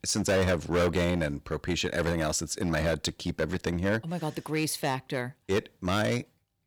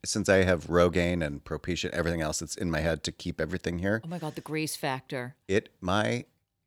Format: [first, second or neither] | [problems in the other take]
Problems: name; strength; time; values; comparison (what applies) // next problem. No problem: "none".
second | distortion; heavy; 8% of the sound clipped